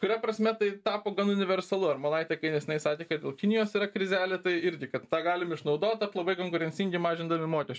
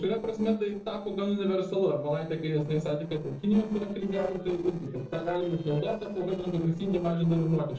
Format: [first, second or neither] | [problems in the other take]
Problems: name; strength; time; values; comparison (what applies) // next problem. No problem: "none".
first | noise reduction (neural separator model SepFormer DNS4)